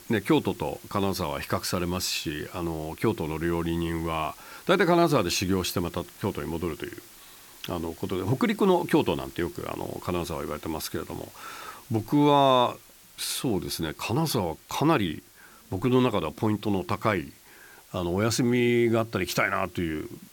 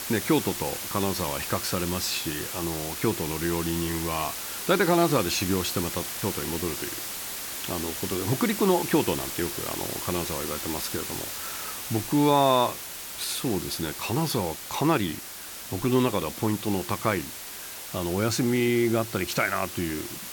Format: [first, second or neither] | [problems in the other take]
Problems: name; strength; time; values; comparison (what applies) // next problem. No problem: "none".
first | hiss; loud; throughout; 5 dB below the speech; faint in the first